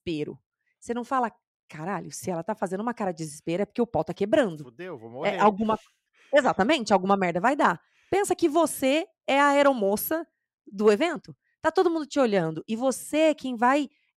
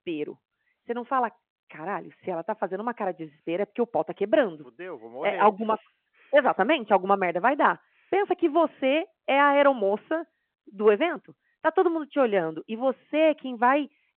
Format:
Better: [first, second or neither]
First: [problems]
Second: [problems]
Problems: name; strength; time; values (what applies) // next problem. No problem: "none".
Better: first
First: none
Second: phone-call audio